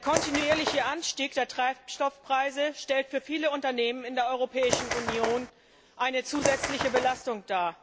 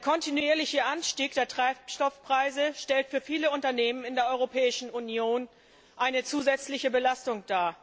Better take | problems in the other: second | background sound (Bird); 3 dB below the speech

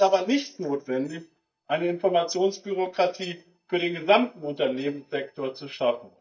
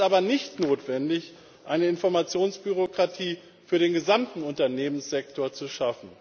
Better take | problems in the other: second | noise reduction (neural mask model DeepFilterNet 3)

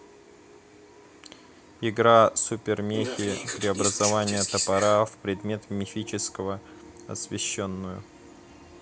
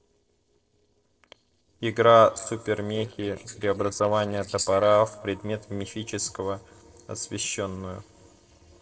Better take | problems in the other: first | noise reduction (neural separator model SepFormer DNS4)

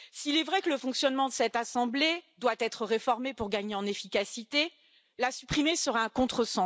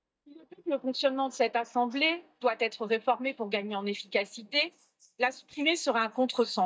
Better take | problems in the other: first | noise reduction (neural mask model DeepFilterNet 3)

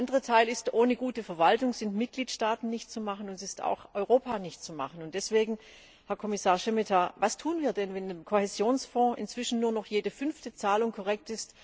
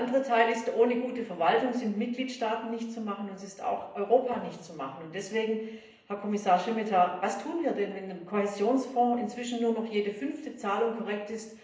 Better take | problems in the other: first | room echo; dies away in 0.8 s

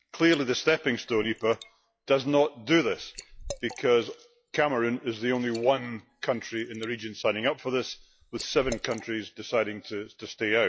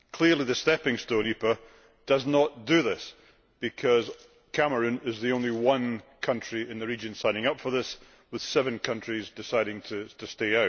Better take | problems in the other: second | noise reduction (classical method log-MMSE)

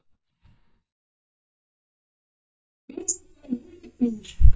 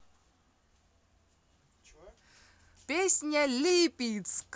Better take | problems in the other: second | noise reduction (neural mask model DeepFilterNet 3)

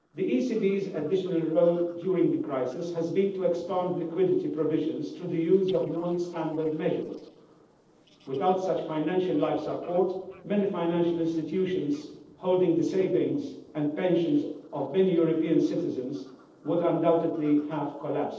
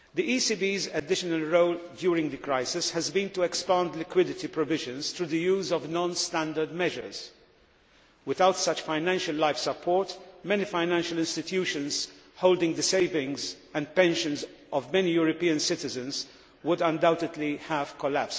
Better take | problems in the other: second | noise reduction (neural separator model SepFormer DNS4)

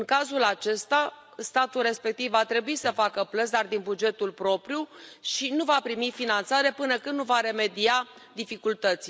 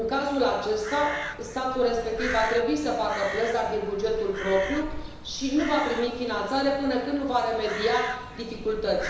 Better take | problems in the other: first | background sound (Crow); 10 dB below the speech // room echo; dies away in 1 s

